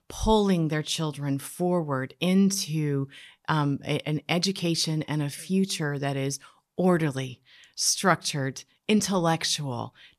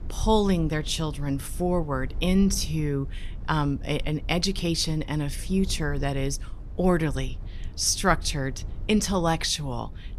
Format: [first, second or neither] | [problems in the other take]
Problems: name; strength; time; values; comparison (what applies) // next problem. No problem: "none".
first | low rumble; faint; throughout; 25 dB below the speech